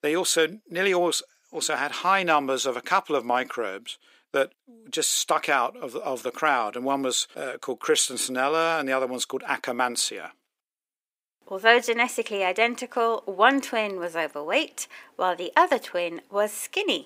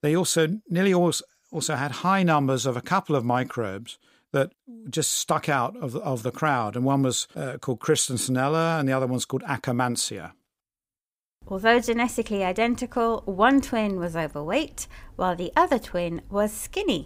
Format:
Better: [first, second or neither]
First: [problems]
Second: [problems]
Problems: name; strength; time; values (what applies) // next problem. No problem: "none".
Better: second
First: thin; somewhat; fading below 350 Hz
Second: none